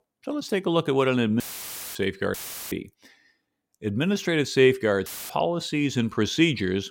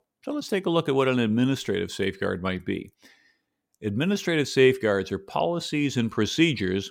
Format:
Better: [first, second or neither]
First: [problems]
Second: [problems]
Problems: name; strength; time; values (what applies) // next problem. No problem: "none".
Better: second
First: audio cutting out; filled with static; at 1.5 s for 0.5 s, at 2.5 s and at 5 s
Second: none